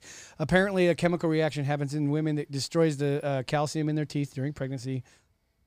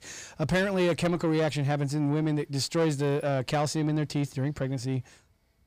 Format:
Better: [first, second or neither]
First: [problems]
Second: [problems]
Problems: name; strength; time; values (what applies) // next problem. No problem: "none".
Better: first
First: none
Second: distortion; slight; 10 dB below the speech